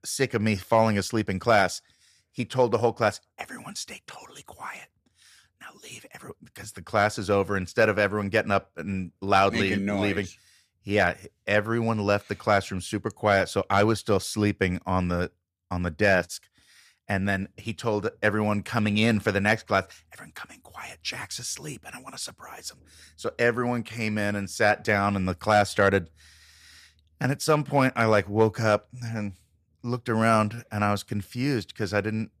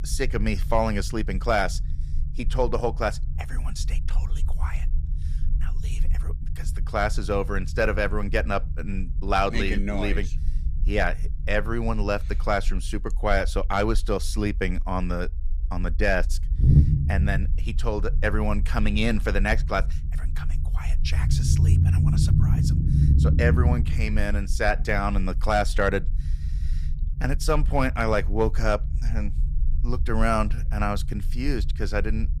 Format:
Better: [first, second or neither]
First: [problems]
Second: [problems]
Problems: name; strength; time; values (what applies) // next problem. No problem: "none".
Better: first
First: none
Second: low rumble; noticeable; throughout; 15 dB below the speech